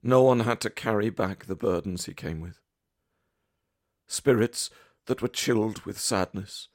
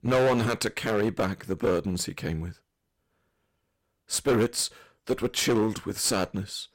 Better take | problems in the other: first | distortion; heavy; 8% of the sound clipped

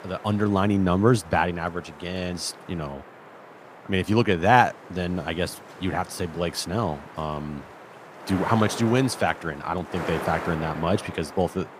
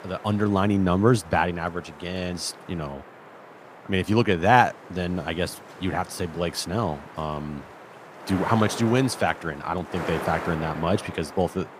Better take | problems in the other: neither | wind noise on the microphone; occasional gusts; 10 dB below the speech; the same in both

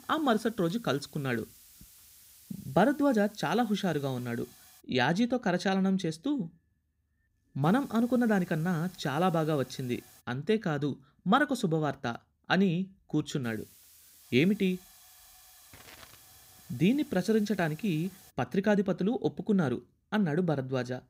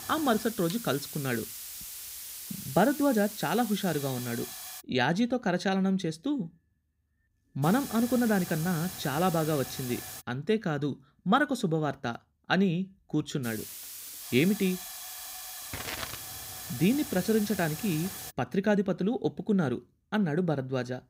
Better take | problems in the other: first | hiss; loud; until 5 s, from 7.5 to 10 s and from 13 to 18 s; 9 dB below the speech; faint in the first

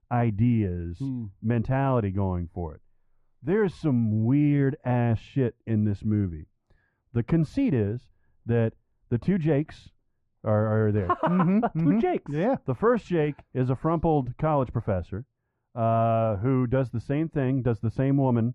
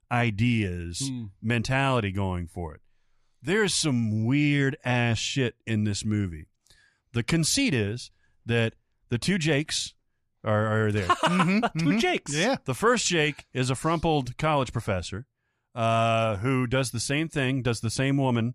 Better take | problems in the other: second | muffled; very; fading above 2.5 kHz

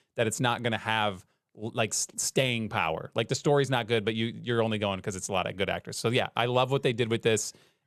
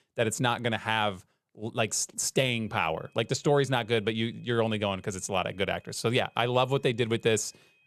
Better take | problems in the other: first | high-pitched whine; faint; from 2.5 s on; 2.5 kHz, 35 dB below the speech

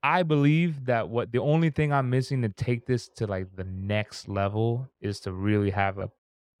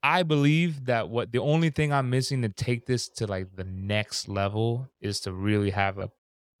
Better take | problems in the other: second | muffled; slightly; fading above 3 kHz

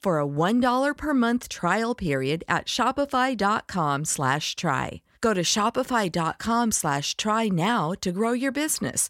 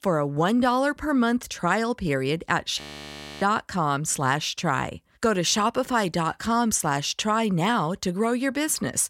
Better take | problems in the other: first | audio freezing; at 3 s for 0.5 s

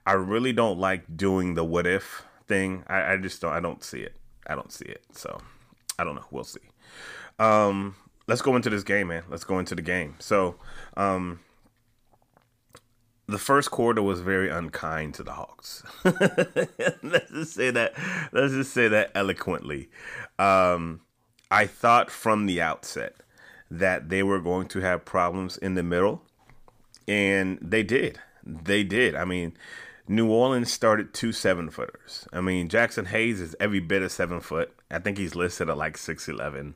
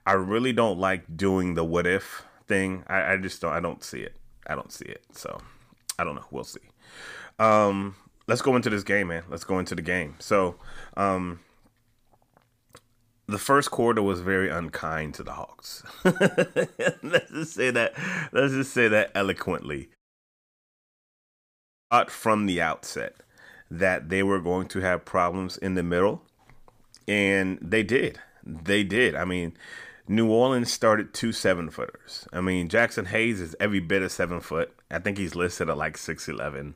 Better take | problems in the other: first | audio cutting out; at 20 s for 2 s

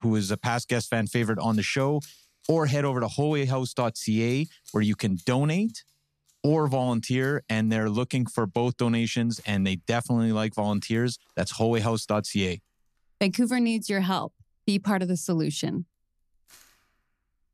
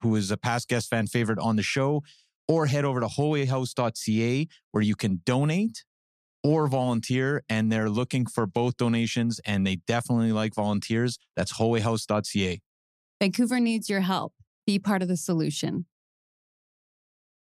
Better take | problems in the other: second | household noises; faint; throughout; 30 dB below the speech

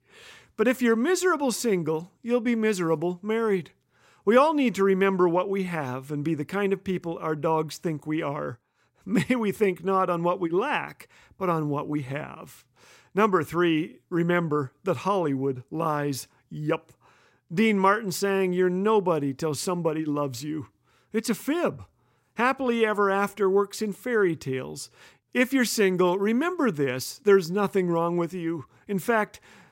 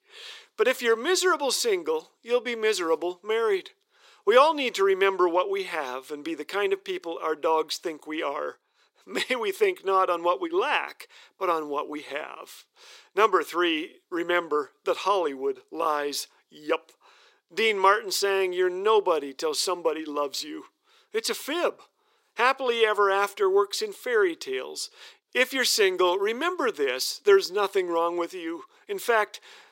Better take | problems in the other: first | thin; very; fading below 400 Hz

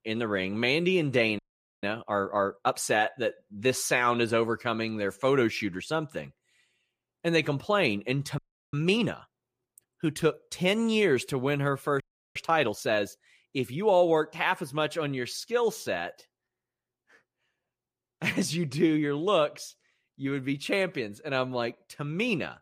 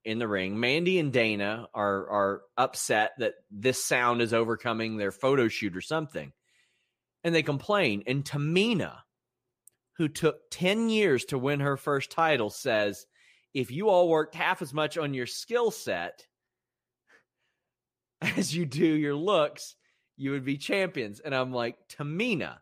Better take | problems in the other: second | audio freezing; at 1.5 s, at 8.5 s and at 12 s

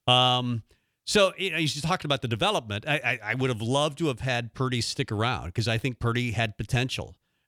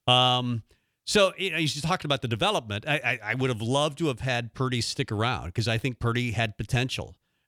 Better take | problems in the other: neither | none

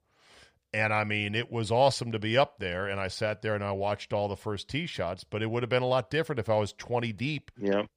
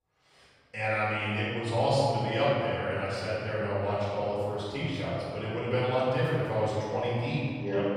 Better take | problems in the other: first | off-mic speech; far // room echo; strong; dies away in 2.2 s

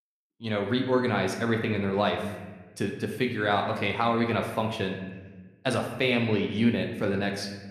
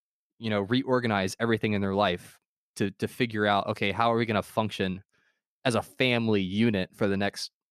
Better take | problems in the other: second | room echo; slight; dies away in 1 s

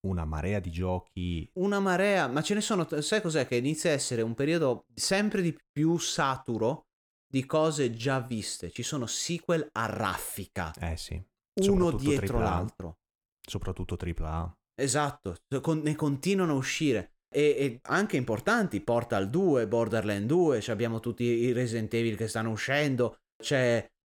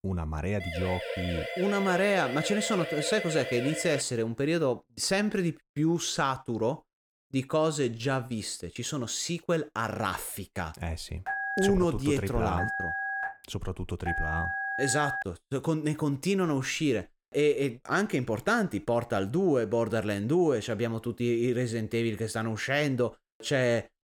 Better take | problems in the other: first | siren; noticeable; from 0.5 to 4 s; peak 4 dB below the speech // phone ringing; noticeable; from 11 to 15 s; peak 2 dB below the speech

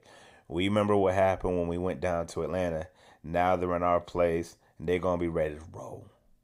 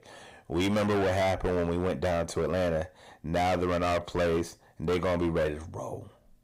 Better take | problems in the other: first | distortion; heavy; 20% of the sound clipped

